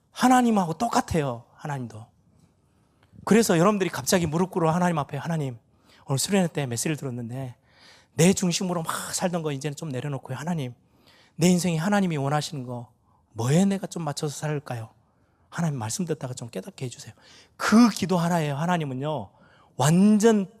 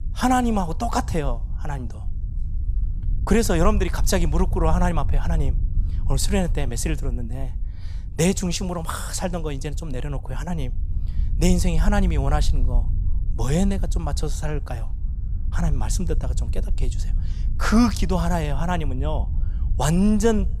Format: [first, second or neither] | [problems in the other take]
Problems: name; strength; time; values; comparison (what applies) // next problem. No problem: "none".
first | low rumble; noticeable; throughout; 20 dB below the speech